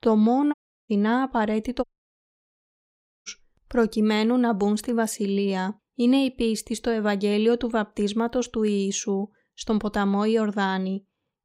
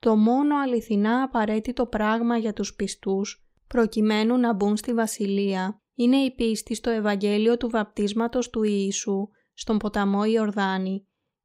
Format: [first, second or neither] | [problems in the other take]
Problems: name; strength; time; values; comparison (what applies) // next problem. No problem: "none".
second | audio cutting out; at 0.5 s and at 2 s for 1.5 s